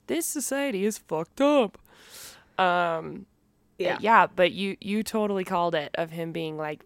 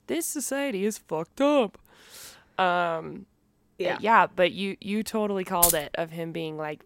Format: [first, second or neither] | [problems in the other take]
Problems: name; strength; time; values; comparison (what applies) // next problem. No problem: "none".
first | jangling keys; loud; at 5.5 s; peak 5 dB above the speech